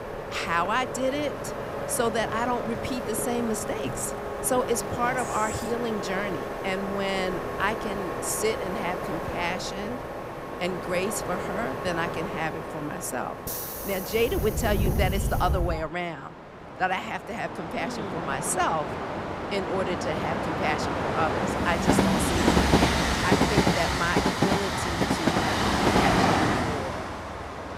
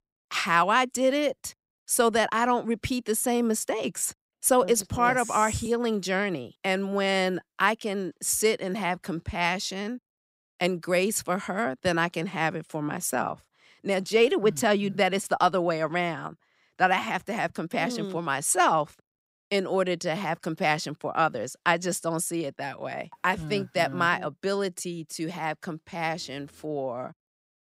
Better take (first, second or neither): second